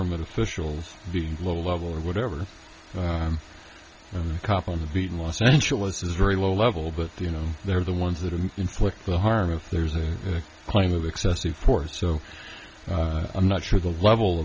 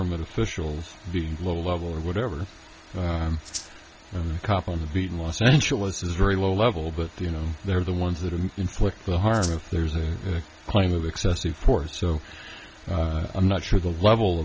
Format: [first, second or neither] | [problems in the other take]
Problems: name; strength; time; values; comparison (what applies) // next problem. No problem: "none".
first | background sound (Rattle (instrument)); 12 dB below the speech